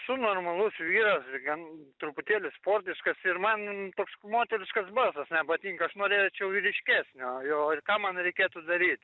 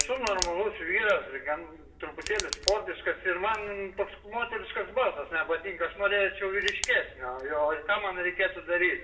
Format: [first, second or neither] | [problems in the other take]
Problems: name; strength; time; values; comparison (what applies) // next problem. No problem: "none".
first | background sound (Tick); 11 dB below the speech // room echo; dies away in 0.5 s